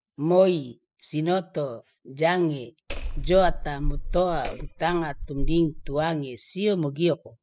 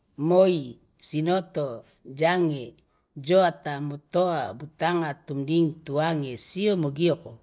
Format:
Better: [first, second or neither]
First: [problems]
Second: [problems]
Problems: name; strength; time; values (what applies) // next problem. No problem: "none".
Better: second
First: noise reduction (classical method spectral subtraction)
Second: none